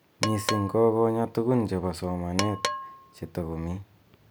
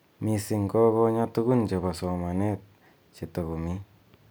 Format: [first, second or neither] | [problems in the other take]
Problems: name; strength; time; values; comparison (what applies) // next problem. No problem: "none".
second | background sound (Percussion); 8 dB below the speech